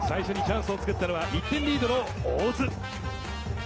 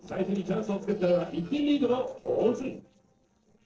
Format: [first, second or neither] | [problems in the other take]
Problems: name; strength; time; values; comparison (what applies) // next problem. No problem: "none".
first | noise reduction (neural separator model SepFormer DNS4)